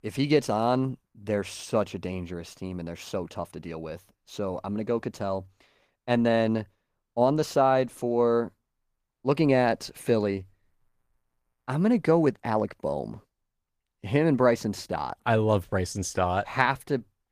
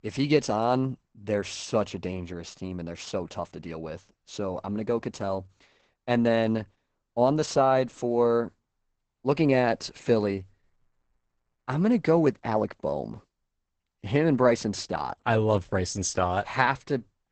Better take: first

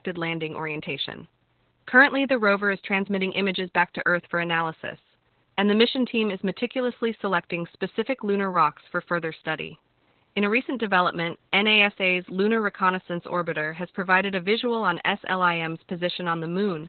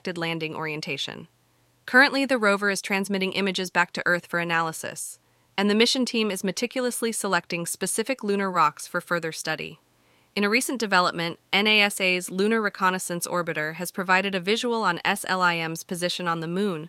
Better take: second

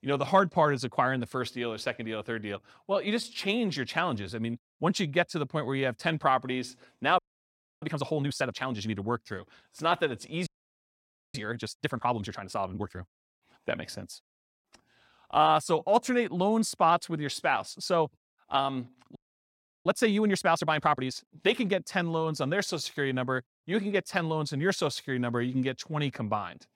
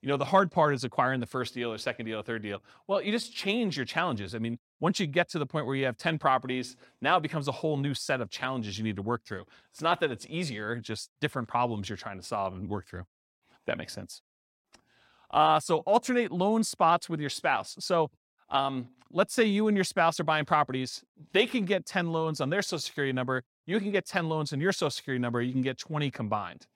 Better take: second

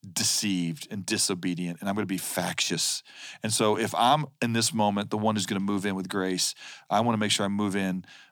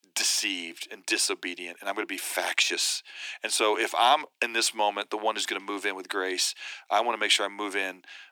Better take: first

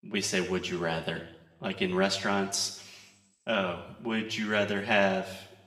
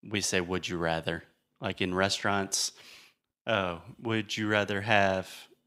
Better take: second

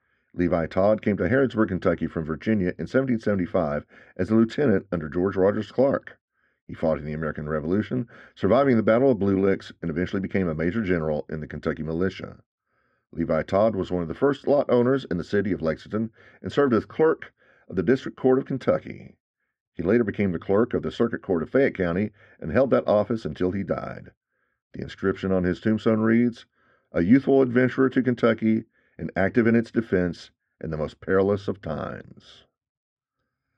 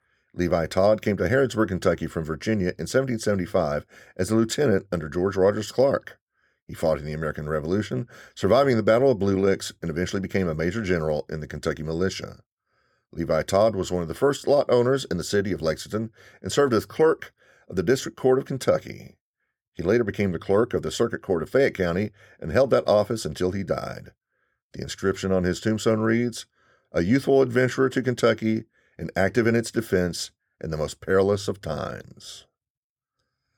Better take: second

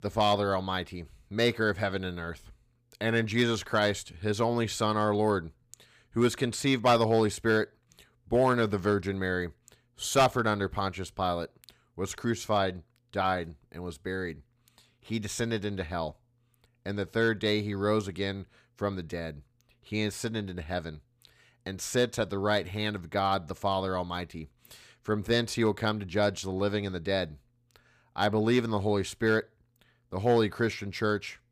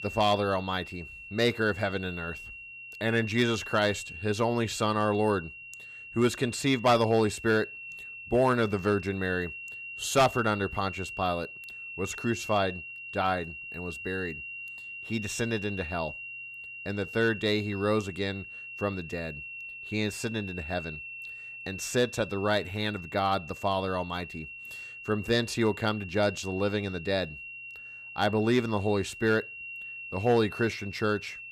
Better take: first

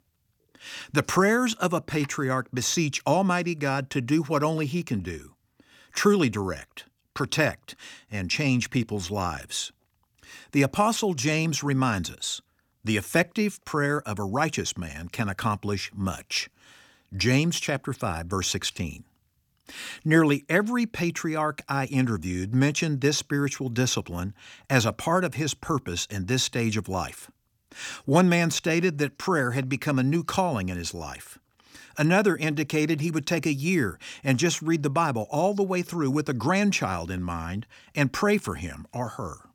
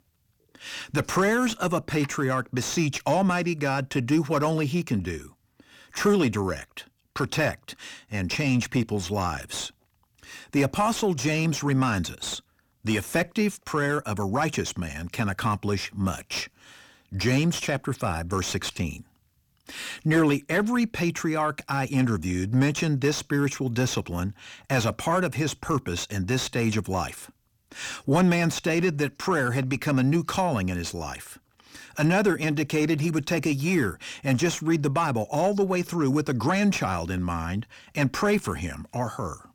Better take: first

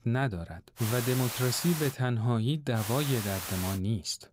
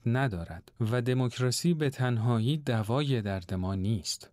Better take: second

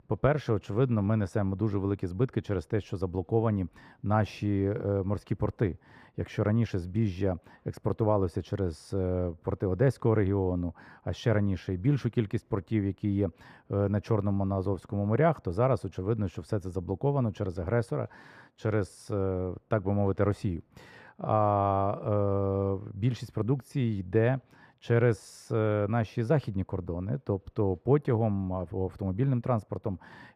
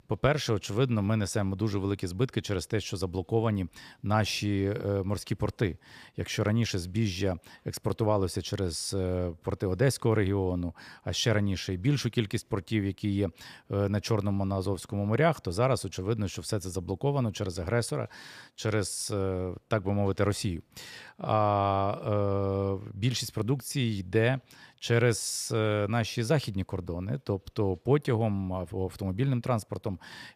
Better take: second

